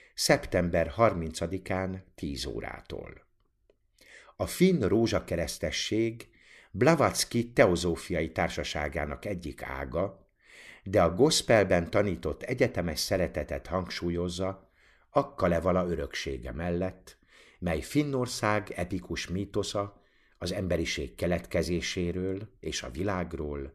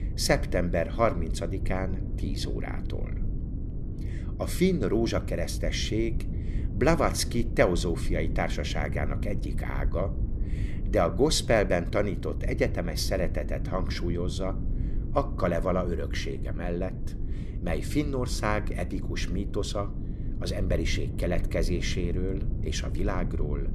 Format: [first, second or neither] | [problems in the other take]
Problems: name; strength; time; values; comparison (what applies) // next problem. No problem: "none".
first | low rumble; noticeable; throughout; 15 dB below the speech